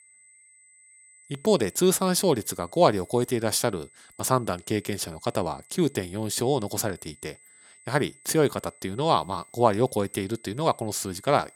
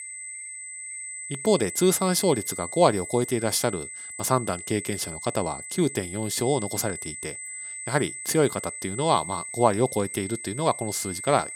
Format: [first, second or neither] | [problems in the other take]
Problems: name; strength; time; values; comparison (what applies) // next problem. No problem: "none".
first | high-pitched whine; loud; throughout; 8 kHz, 9 dB below the speech; faint in the first